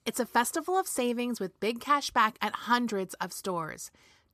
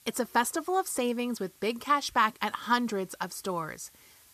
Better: first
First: none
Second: hiss; faint; throughout; 25 dB below the speech

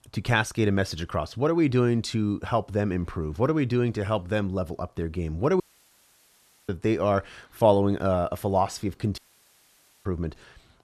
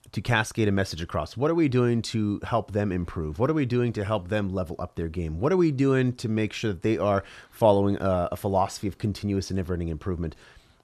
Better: second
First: audio cutting out; at 5.5 s for 1 s and at 9 s for 1 s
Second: none

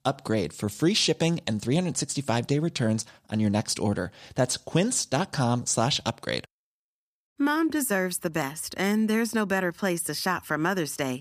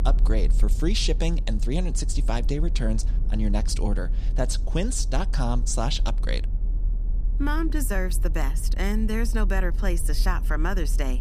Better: first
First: none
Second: low rumble; noticeable; throughout; 15 dB below the speech

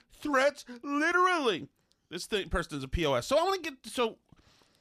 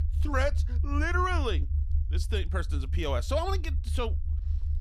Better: first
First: none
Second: low rumble; noticeable; throughout; 15 dB below the speech

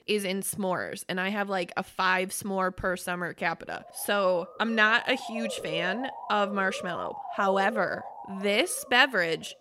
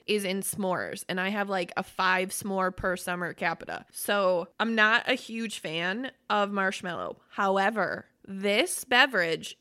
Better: second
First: siren; noticeable; from 3.5 s on; peak 8 dB below the speech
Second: none

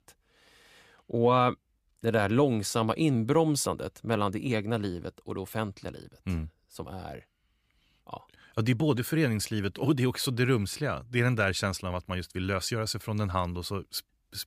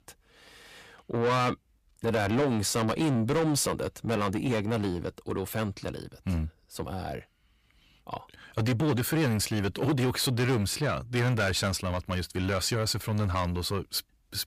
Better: first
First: none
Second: distortion; heavy; 6 dB below the speech

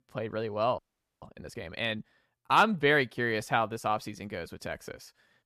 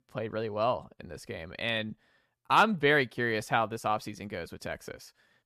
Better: second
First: audio freezing; at 1 s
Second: none

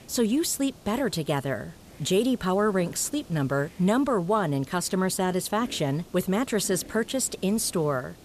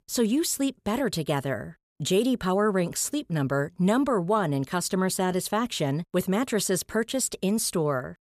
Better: second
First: hiss; faint; throughout; 20 dB below the speech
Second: none

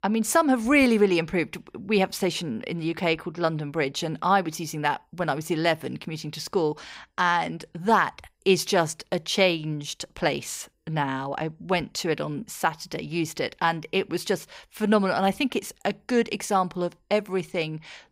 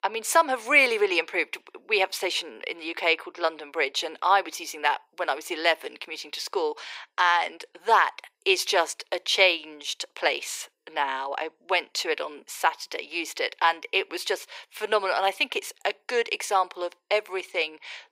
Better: first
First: none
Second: thin; very; fading below 400 Hz

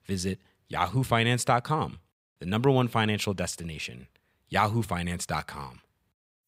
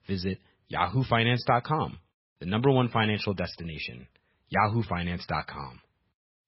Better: first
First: none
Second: garbled, watery; badly; nothing above 5.5 kHz

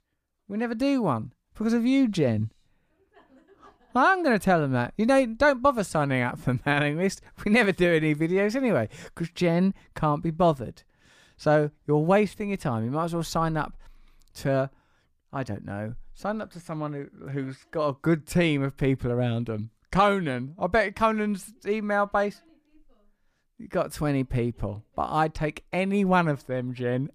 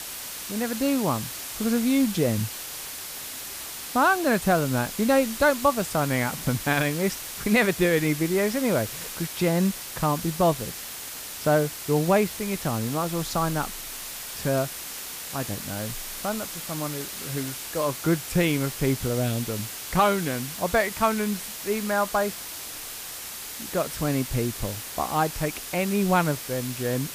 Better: first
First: none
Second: hiss; loud; throughout; 8 dB below the speech

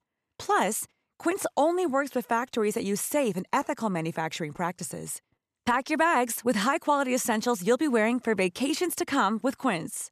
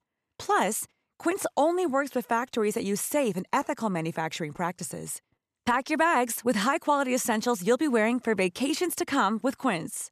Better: neither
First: none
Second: none

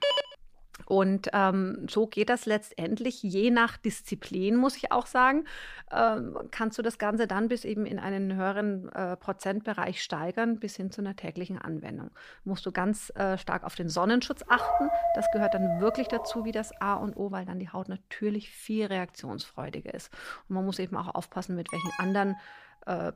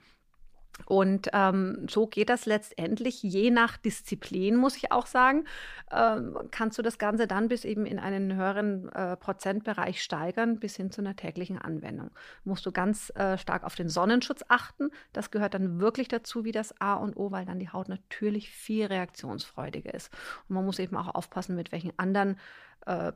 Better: second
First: phone ringing; loud; at the start; peak 2 dB above the speech // dog barking; loud; from 14 to 16 s; peak 3 dB above the speech // alarm; noticeable; at 22 s; peak 6 dB below the speech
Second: none

